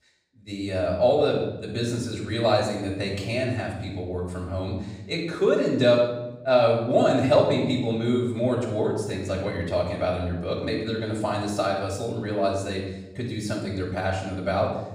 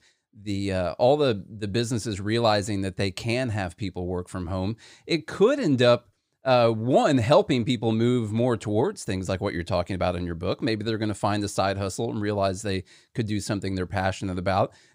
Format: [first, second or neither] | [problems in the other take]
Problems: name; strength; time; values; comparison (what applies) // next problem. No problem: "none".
second | off-mic speech; far // room echo; noticeable; dies away in 0.8 s